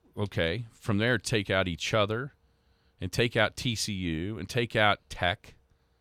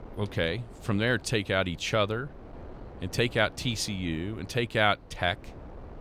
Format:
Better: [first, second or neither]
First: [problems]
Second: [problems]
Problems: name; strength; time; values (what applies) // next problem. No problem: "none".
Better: first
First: none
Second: wind noise on the microphone; occasional gusts; 20 dB below the speech